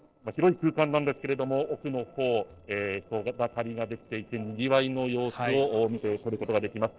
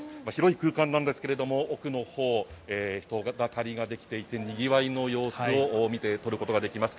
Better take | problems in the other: second | noise reduction (neural separator model SepFormer DNS4)

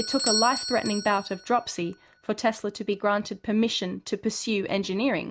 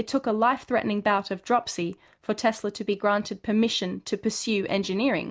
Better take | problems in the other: second | background sound (Bell / Doorbell); 9 dB below the speech

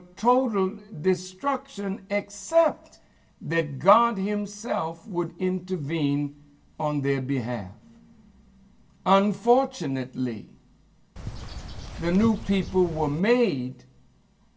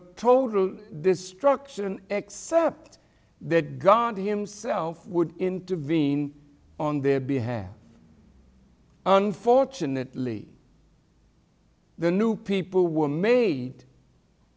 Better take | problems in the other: second | background sound (Bird); 10 dB below the speech // room echo; dies away in 0.1 s

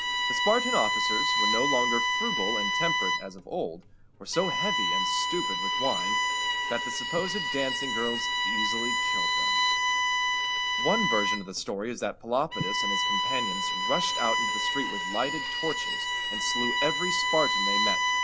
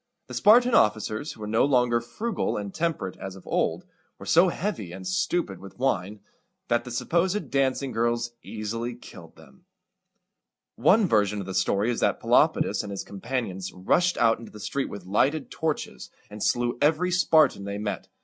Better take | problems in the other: second | background sound (Bowed string instrument); 5 dB above the speech

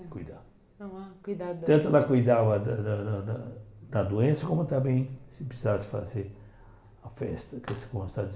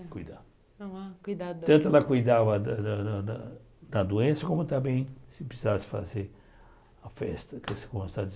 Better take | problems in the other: second | room echo; dies away in 2 s

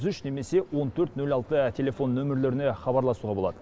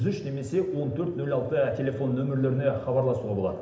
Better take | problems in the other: first | room echo; dies away in 0.8 s

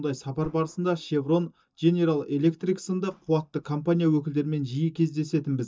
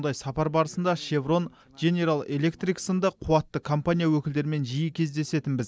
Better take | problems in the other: second | noise reduction (neural mask model DeepFilterNet 3)

